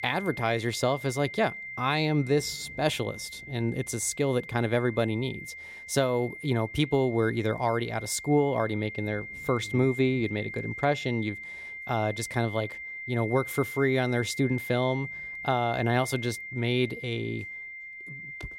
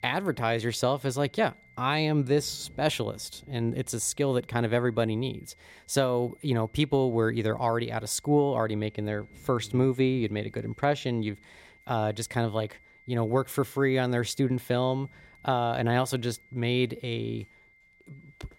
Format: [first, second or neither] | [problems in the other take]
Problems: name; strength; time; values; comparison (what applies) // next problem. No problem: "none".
second | high-pitched whine; loud; throughout; 2 kHz, 10 dB below the speech; faint in the second